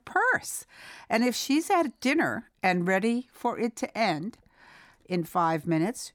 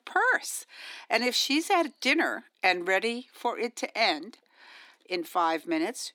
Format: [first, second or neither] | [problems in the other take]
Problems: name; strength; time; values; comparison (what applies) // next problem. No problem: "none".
first | thin; somewhat; fading below 300 Hz